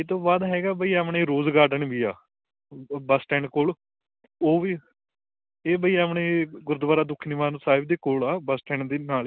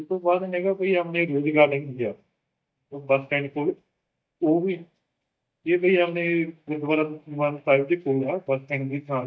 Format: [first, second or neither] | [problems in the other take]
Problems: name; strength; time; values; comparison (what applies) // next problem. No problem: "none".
first | noise reduction (neural mask model DeepFilterNet 3)